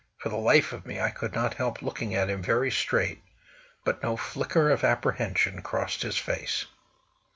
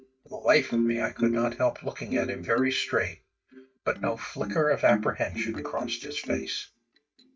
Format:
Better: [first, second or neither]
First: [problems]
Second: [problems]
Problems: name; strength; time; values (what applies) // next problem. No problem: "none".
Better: first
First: none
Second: noise reduction (neural mask model DeepFilterNet 3)